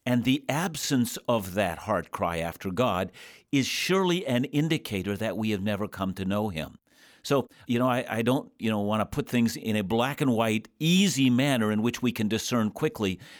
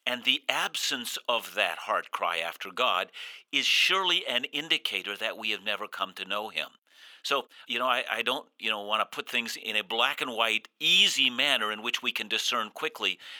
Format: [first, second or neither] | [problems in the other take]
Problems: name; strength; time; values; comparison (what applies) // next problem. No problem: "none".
first | thin; very; fading below 550 Hz